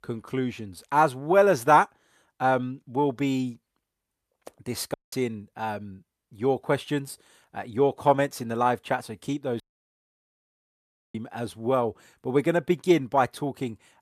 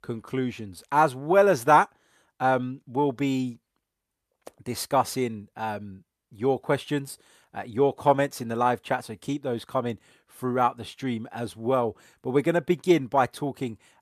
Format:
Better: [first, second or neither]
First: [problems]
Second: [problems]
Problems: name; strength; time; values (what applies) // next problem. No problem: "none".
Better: second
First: audio cutting out; at 5 s and at 9.5 s for 1.5 s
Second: none